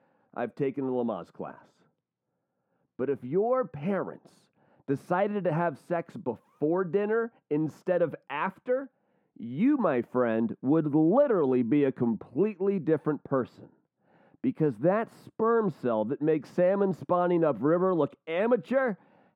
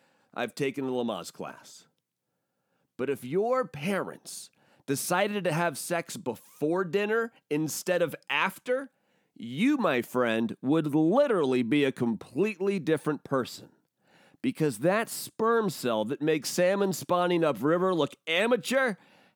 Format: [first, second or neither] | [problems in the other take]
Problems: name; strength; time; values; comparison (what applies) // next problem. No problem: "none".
second | muffled; very; fading above 2.5 kHz